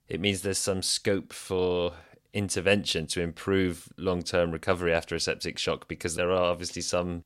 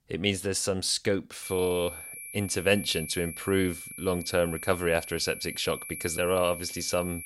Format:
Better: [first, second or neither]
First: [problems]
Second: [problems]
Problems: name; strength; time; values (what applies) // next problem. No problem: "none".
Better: first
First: none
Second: high-pitched whine; loud; from 1.5 s on; 10 kHz, 10 dB below the speech